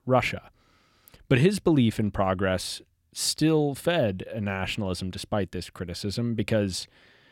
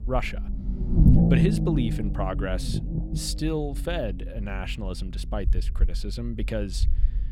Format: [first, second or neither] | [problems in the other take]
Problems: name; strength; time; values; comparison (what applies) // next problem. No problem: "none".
first | low rumble; loud; throughout; 1 dB below the speech